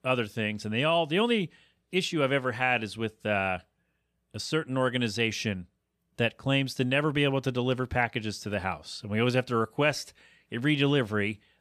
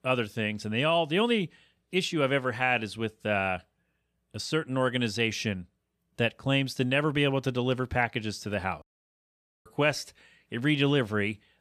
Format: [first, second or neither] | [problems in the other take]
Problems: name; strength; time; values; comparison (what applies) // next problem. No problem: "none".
first | audio cutting out; at 9 s for 1 s